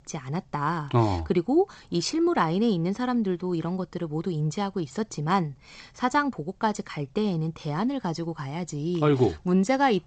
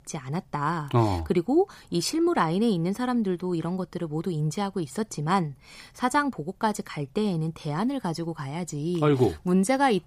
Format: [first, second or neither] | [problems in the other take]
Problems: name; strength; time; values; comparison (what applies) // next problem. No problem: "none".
second | garbled, watery; slightly; nothing above 7.5 kHz